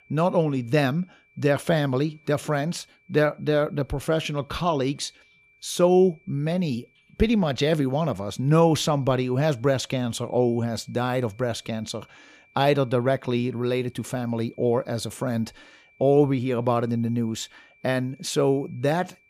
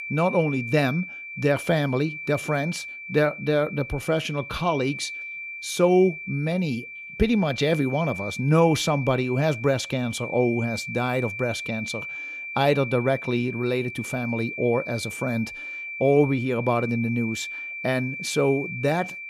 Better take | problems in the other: first | high-pitched whine; loud; throughout; 2.5 kHz, 9 dB below the speech; faint in the first

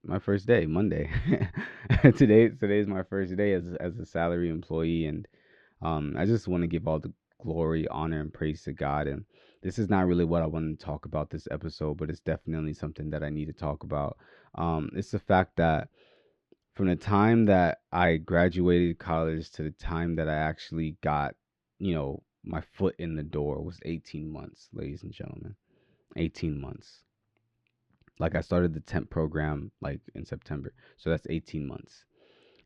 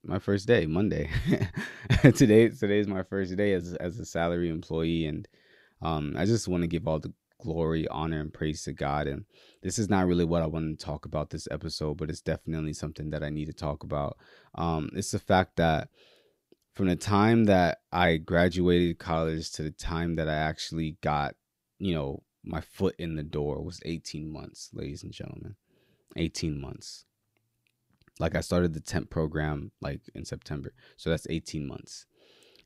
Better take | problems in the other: second | muffled; slightly; fading above 2.5 kHz

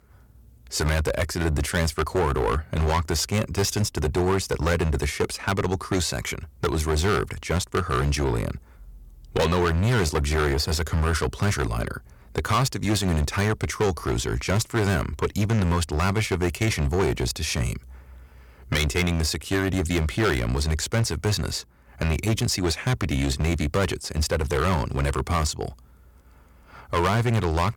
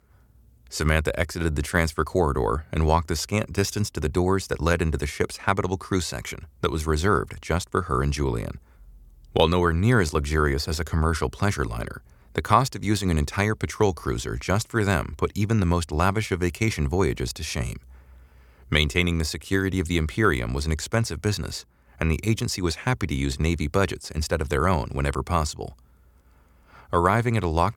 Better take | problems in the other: second | distortion; heavy; 11% of the sound clipped

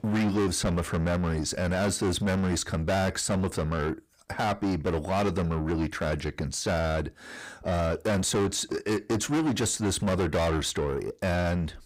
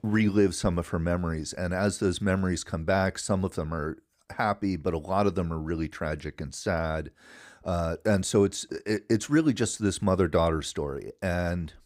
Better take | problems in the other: second | distortion; heavy; 6 dB below the speech

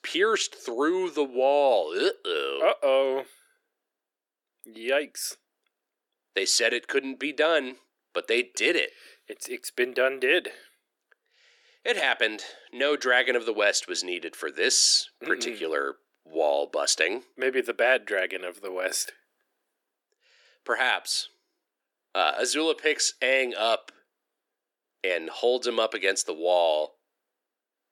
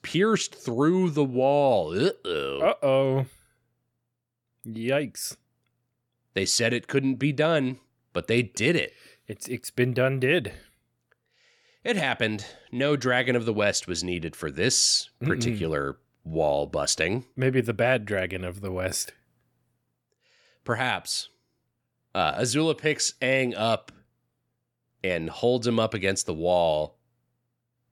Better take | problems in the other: second | thin; somewhat; fading below 350 Hz

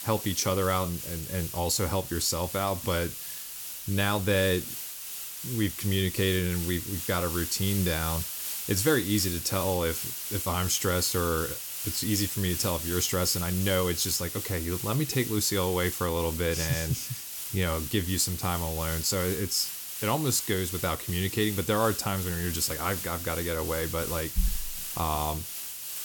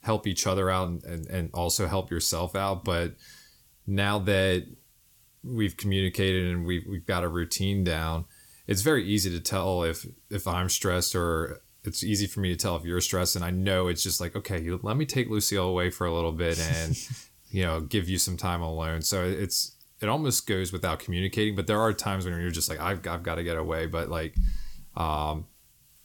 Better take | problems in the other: second | hiss; loud; throughout; 5 dB below the speech; faint in the second

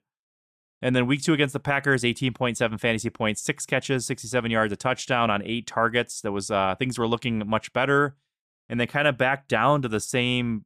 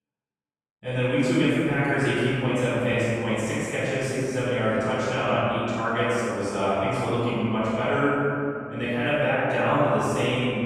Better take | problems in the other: first | off-mic speech; far // room echo; strong; dies away in 2.6 s

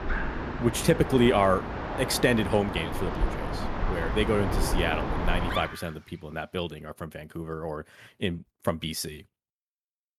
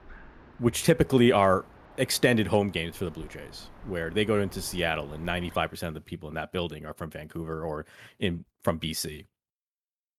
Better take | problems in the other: second | animal sounds; loud; until 6.5 s; 4 dB below the speech; faint in the second

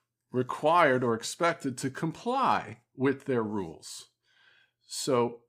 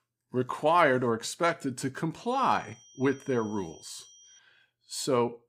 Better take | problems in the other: first | high-pitched whine; faint; from 2.5 to 4.5 s; 6 kHz, 25 dB below the speech

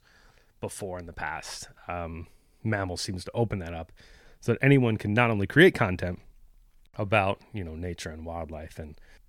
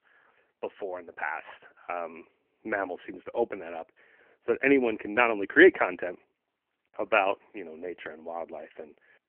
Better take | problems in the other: first | phone-call audio; poor line

